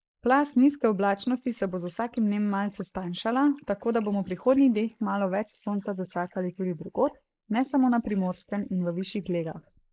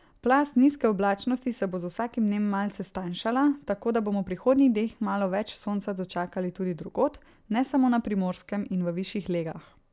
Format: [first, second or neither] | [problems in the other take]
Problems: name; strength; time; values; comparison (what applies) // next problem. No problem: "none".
second | noise reduction (neural mask model Resemble Enhance denoiser)